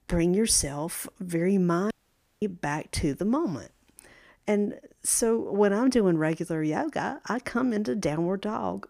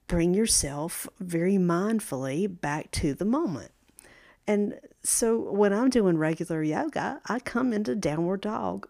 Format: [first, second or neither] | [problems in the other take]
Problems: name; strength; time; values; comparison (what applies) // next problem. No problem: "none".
second | audio cutting out; at 2 s for 0.5 s